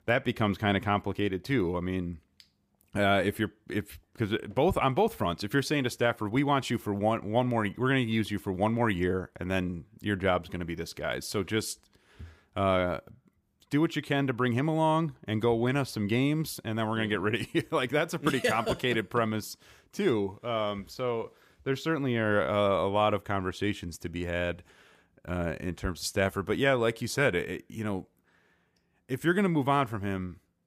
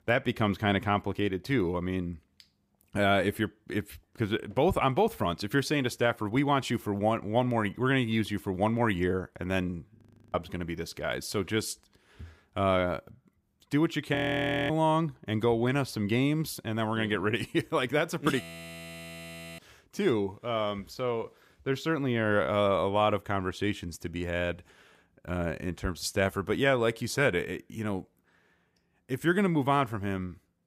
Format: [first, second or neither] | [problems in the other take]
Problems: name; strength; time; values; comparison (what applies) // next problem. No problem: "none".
first | audio freezing; at 10 s, at 14 s for 0.5 s and at 18 s for 1 s